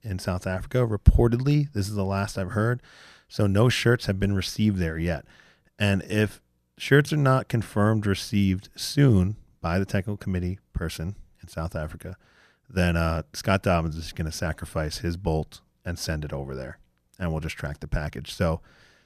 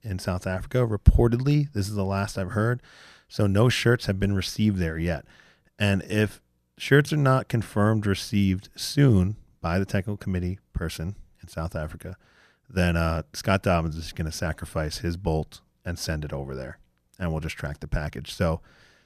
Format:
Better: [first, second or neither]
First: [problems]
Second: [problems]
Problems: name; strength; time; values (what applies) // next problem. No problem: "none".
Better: neither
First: none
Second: none